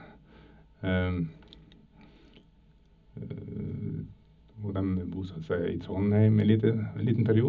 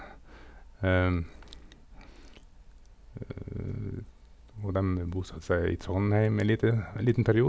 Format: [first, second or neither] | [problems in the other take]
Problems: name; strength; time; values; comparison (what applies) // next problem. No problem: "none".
second | room echo; dies away in 0.4 s